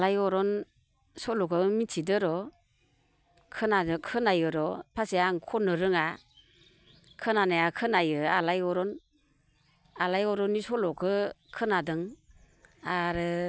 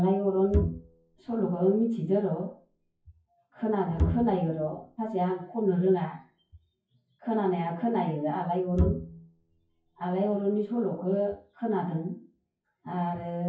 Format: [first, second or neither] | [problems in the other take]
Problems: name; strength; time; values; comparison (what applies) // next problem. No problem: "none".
first | noise reduction (classical method WPE with log-MMSE)